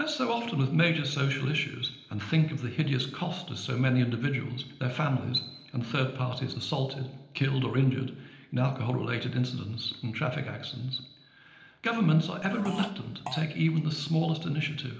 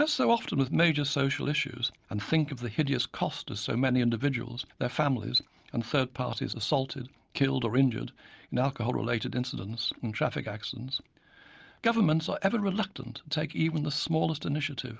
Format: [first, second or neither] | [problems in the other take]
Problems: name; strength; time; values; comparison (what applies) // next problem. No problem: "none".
second | background sound (Fart); 14 dB below the speech // room echo; dies away in 0.9 s